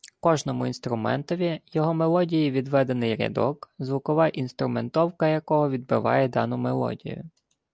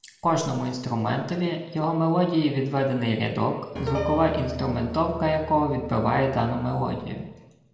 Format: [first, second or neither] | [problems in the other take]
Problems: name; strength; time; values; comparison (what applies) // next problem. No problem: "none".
first | background sound (Piano); 9 dB below the speech // room echo; dies away in 1 s